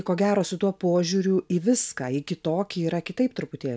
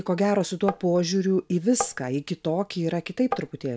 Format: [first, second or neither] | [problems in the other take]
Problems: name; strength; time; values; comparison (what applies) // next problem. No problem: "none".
first | background sound (Tap); 7 dB below the speech